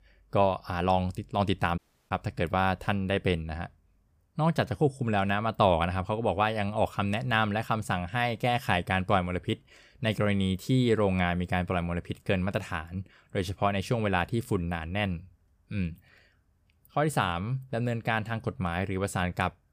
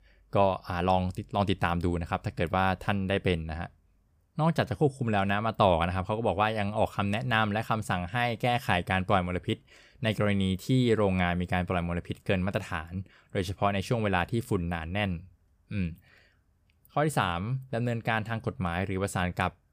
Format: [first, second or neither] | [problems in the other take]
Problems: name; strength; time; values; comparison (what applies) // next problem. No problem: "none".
second | audio cutting out; at 2 s